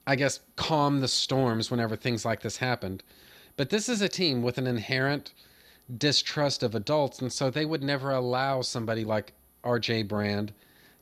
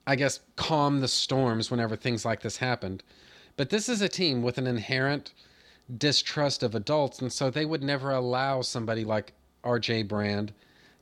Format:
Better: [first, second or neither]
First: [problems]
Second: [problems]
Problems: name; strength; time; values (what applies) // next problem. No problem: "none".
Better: second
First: high-pitched whine; faint; throughout; 12 kHz, 35 dB below the speech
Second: none